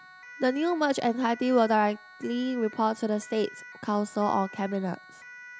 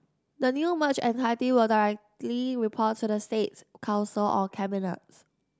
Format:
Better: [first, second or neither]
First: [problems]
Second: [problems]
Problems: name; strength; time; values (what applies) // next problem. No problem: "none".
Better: second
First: background sound (Siren); 19 dB below the speech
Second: none